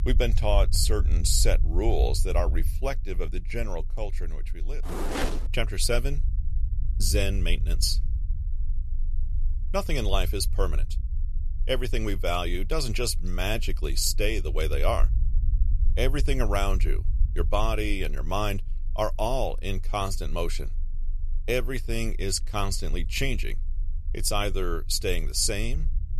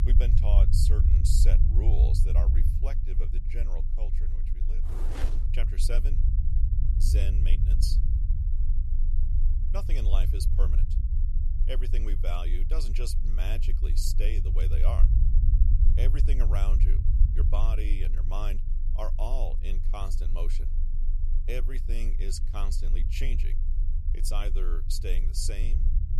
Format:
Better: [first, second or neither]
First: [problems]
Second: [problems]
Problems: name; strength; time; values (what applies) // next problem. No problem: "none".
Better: first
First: low rumble; faint; throughout; 20 dB below the speech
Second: low rumble; loud; throughout; 7 dB below the speech